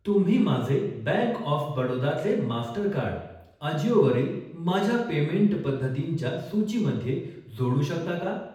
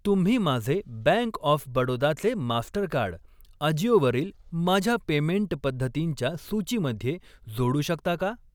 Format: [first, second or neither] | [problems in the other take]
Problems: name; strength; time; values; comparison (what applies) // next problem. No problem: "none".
second | room echo; dies away in 0.8 s